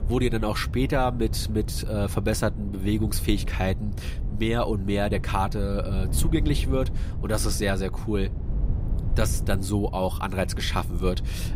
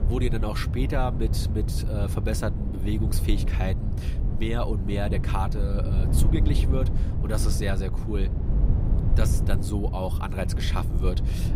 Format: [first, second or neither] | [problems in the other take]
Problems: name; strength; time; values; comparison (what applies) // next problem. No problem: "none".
first | wind noise on the microphone; heavy; 7 dB below the speech; occasional gusts in the first